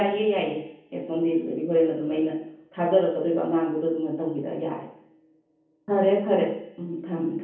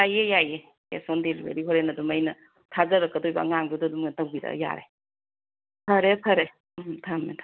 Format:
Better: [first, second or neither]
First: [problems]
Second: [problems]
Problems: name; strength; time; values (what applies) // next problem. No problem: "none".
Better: second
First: room echo; dies away in 0.7 s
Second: none